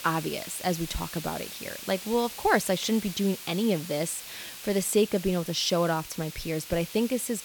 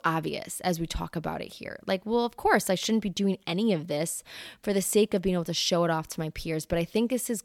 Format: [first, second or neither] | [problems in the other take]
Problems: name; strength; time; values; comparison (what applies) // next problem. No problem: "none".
second | hiss; noticeable; throughout; 10 dB below the speech